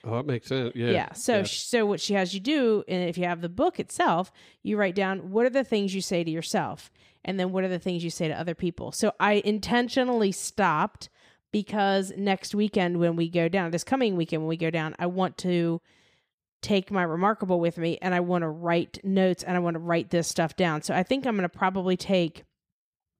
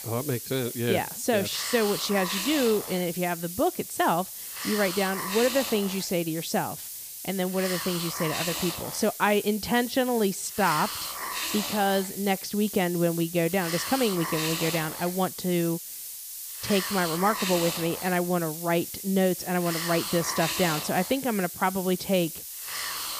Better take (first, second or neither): first